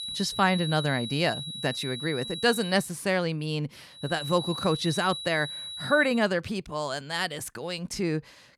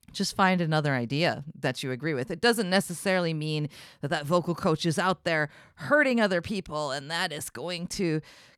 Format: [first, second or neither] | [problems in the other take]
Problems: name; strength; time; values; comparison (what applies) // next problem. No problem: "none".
second | high-pitched whine; loud; until 2.5 s and from 4 to 6 s; 4 kHz, 7 dB below the speech